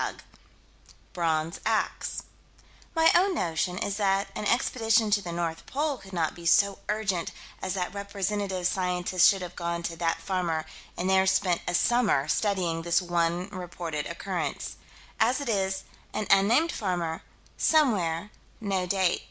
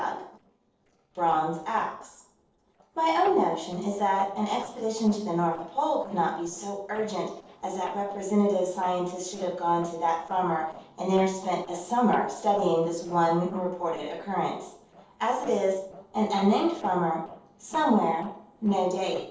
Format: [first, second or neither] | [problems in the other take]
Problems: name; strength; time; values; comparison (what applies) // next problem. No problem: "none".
first | noise reduction (neural separator model SepFormer DNS4)